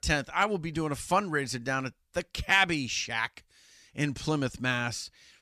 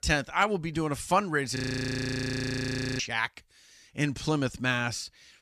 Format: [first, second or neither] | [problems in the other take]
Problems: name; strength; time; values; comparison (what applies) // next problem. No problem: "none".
first | audio freezing; at 1.5 s for 1.5 s